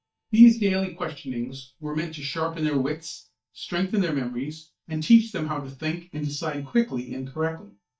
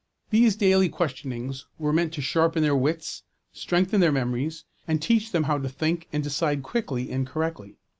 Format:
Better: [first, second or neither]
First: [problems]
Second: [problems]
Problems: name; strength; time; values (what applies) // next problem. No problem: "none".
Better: second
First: noise reduction (neural mask model DeepFilterNet 3)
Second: none